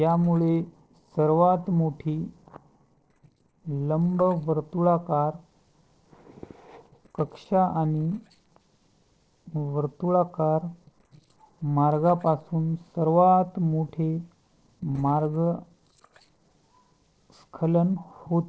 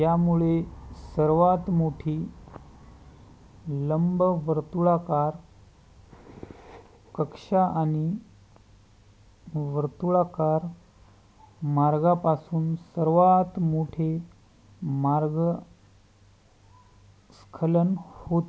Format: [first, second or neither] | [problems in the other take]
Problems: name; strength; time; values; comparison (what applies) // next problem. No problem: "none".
second | noise reduction (neural separator model SepFormer DNS4)